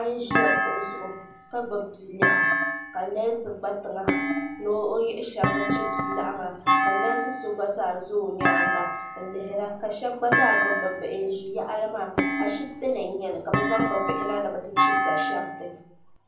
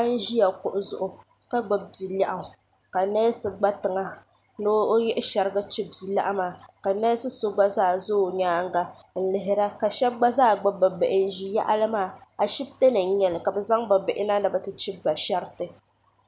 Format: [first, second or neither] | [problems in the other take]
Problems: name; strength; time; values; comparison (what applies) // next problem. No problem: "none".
second | background sound (Thump, thud); 2 dB above the speech // room echo; dies away in 0.6 s